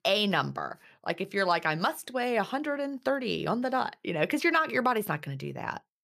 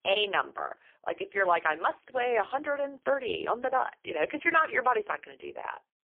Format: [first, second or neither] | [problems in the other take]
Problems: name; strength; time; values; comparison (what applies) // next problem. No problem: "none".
first | phone-call audio; poor line; nothing above 3.5 kHz